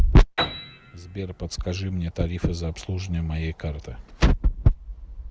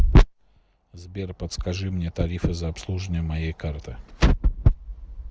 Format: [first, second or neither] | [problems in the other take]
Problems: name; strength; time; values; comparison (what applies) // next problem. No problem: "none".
second | background sound (Piano); 16 dB below the speech